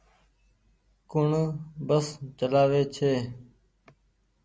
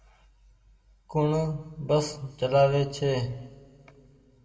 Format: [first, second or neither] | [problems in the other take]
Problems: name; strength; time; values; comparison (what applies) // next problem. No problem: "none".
first | room echo; dies away in 1.4 s